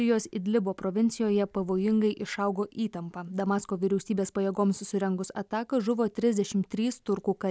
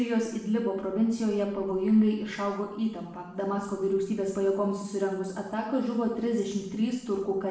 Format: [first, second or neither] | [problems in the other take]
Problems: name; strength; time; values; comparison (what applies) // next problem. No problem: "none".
first | room echo; dies away in 0.7 s